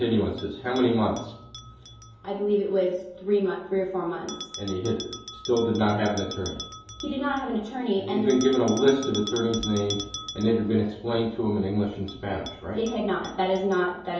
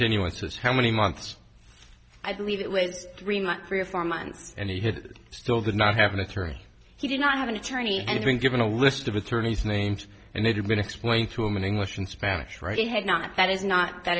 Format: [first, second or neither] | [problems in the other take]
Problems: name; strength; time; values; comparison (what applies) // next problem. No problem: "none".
second | background sound (Bell); 16 dB below the speech // room echo; dies away in 2.8 s